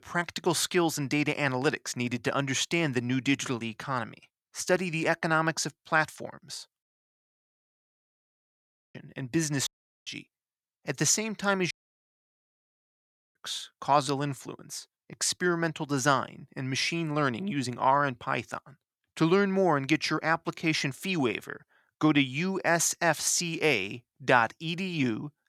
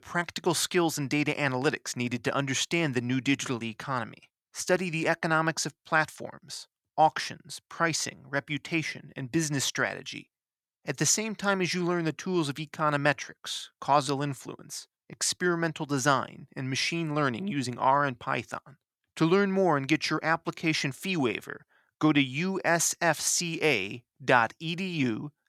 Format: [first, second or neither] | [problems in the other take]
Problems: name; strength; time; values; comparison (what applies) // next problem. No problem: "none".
second | audio cutting out; at 7 s for 2 s, at 9.5 s and at 12 s for 1.5 s